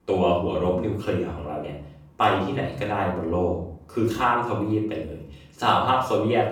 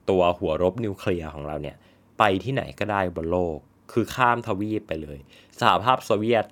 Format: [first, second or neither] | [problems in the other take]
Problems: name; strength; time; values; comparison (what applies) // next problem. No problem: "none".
second | off-mic speech; far // room echo; noticeable; dies away in 0.6 s